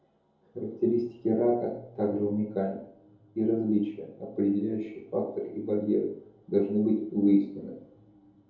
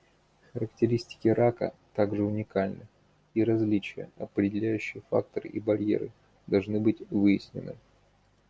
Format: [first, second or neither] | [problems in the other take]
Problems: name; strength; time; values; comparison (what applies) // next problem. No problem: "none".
second | room echo; dies away in 2.6 s